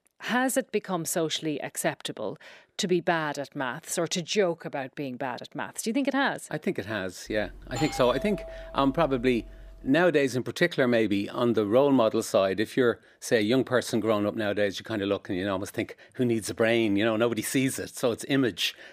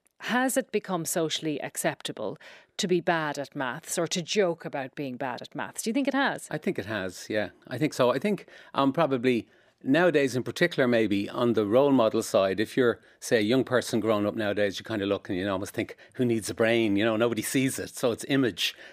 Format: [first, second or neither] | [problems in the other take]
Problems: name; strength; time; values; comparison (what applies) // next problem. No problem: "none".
second | doorbell; noticeable; from 7.5 to 10 s; peak 7 dB below the speech